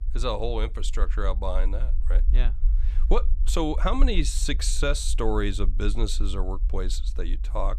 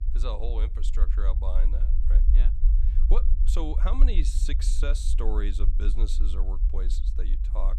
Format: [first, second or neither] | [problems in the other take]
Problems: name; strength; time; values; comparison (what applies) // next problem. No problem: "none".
first | low rumble; loud; throughout; 10 dB below the speech; faint in the first